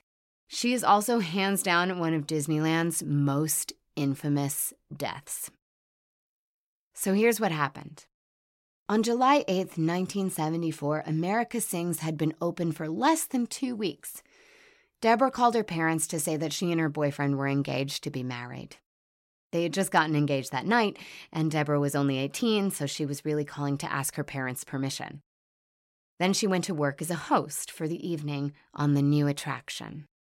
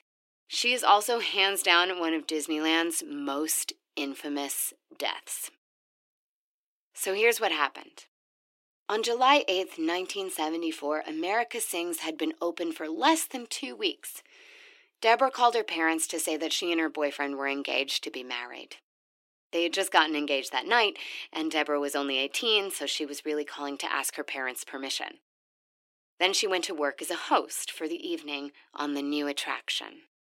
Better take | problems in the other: first | thin; somewhat; fading below 300 Hz

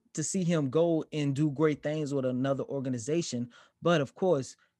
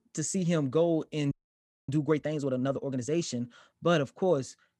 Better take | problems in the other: first | audio freezing; at 1.5 s for 0.5 s

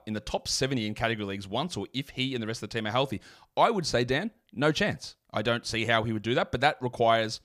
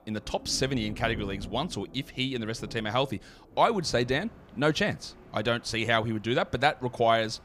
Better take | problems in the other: first | rain or running water; noticeable; throughout; 20 dB below the speech

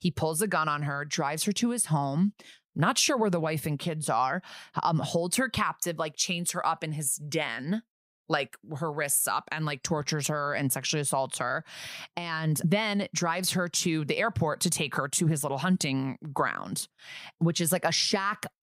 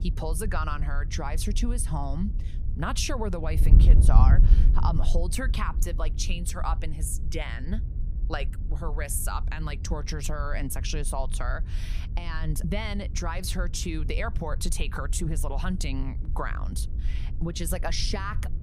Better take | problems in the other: first | wind noise on the microphone; occasional gusts; 10 dB below the speech

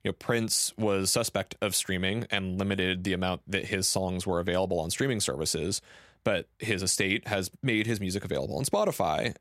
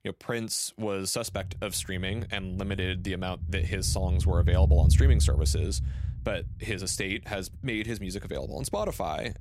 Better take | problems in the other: first | low rumble; noticeable; from 1.5 s on; 10 dB below the speech

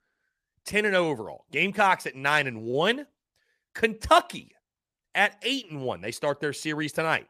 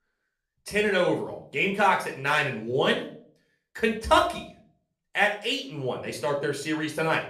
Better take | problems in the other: first | room echo; slight; dies away in 0.4 s // off-mic speech; somewhat distant

